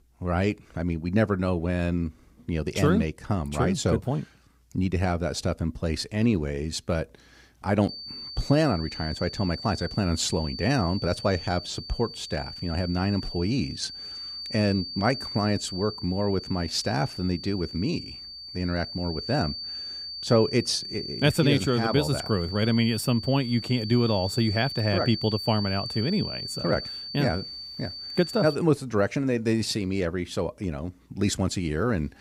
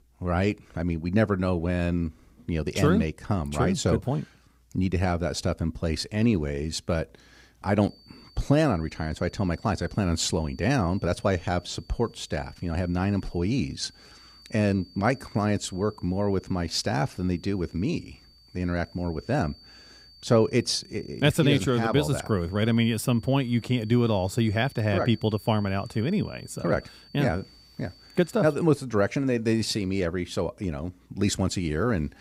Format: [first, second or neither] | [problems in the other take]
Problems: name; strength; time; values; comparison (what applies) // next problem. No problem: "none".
second | high-pitched whine; loud; from 8 to 29 s; 4.5 kHz, 8 dB below the speech; faint in the second